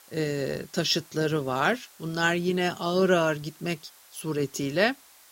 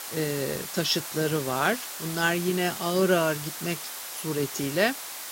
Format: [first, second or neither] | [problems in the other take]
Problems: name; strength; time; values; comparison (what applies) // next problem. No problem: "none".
first | hiss; loud; throughout; 7 dB below the speech; faint in the first